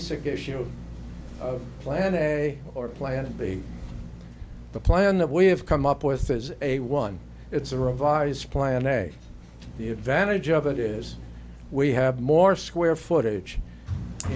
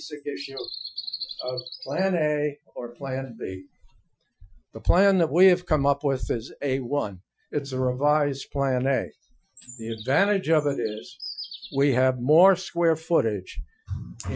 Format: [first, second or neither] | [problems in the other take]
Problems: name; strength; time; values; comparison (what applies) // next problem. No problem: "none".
first | noise reduction (classical method Wiener filter)